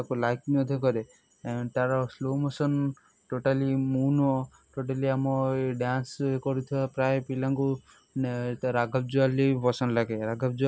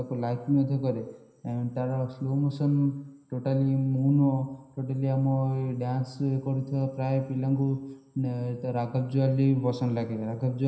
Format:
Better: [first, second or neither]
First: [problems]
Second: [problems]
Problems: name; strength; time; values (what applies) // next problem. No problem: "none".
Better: first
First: none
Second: room echo; dies away in 0.9 s